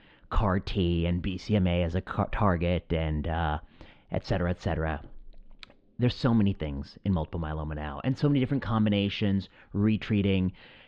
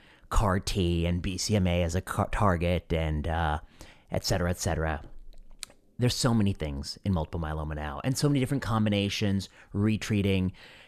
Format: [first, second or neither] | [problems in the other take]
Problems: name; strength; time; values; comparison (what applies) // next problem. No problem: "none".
second | muffled; slightly; fading above 3.5 kHz